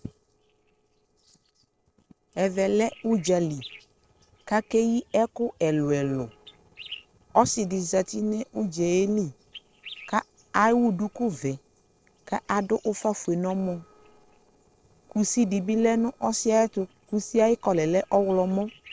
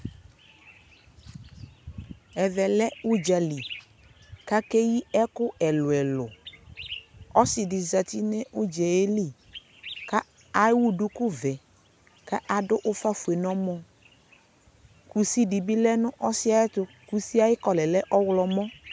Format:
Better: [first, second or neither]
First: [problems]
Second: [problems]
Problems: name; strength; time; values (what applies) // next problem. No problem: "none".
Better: second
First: noise reduction (neural separator model SepFormer DNS4)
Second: none